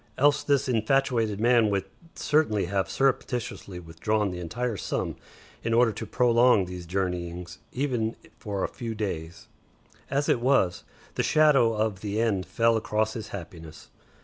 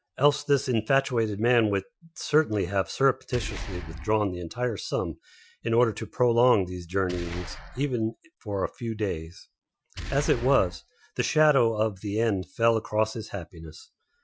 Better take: first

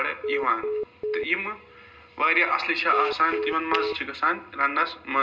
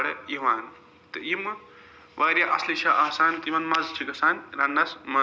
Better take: second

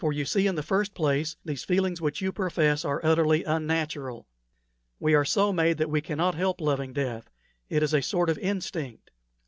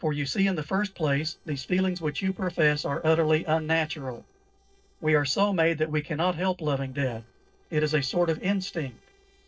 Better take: first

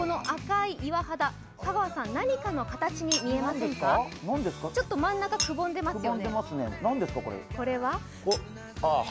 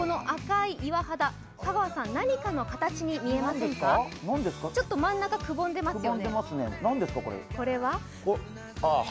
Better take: second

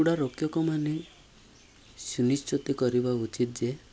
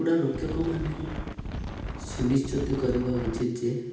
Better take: first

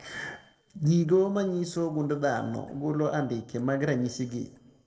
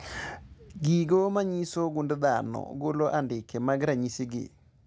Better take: second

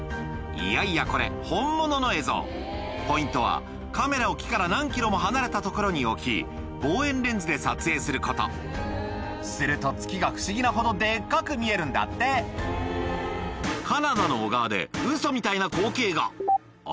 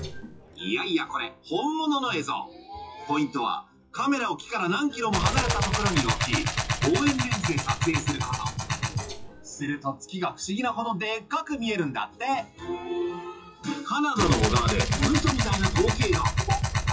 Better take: first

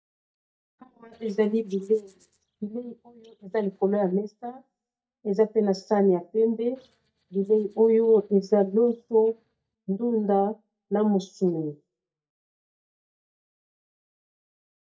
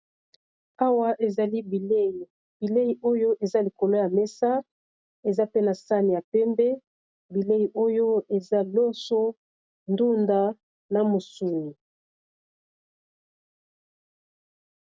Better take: second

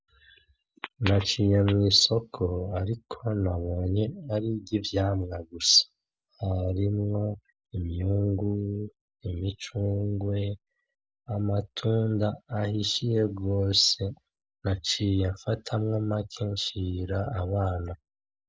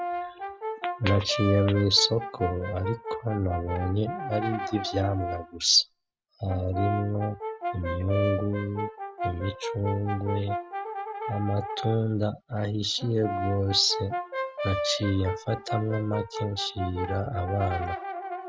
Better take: first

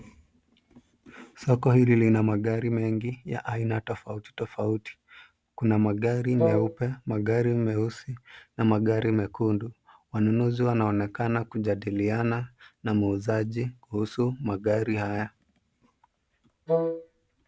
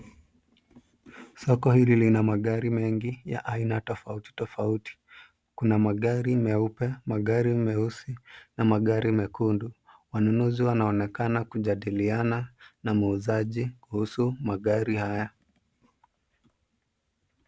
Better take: second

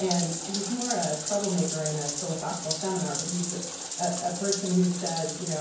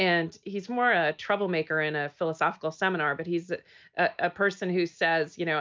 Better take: second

